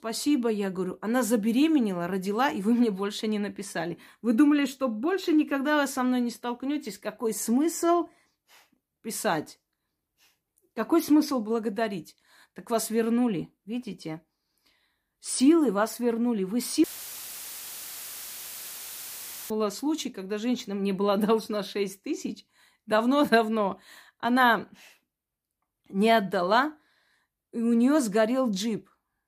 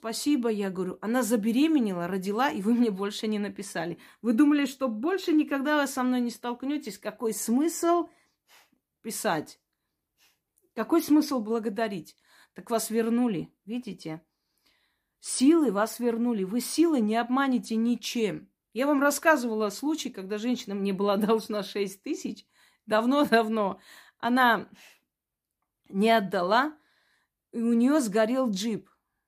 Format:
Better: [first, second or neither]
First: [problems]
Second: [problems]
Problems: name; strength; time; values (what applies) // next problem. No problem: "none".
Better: second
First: audio cutting out; filled with static; at 17 s for 2.5 s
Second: none